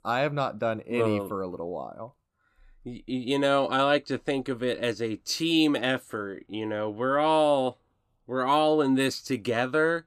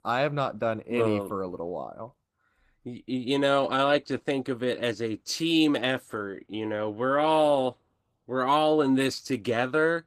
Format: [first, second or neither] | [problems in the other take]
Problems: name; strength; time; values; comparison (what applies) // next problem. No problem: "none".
first | garbled, watery; slightly; nothing above 14.5 kHz